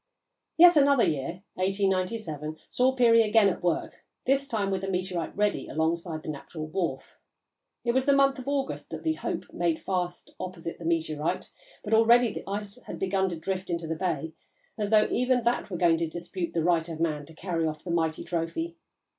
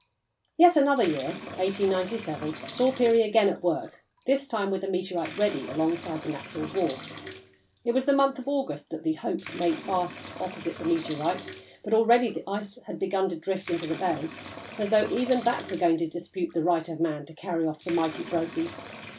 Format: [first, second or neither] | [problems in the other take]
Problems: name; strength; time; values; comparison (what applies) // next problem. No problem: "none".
first | background sound (Bathtub (filling or washing) / Liquid); 16 dB below the speech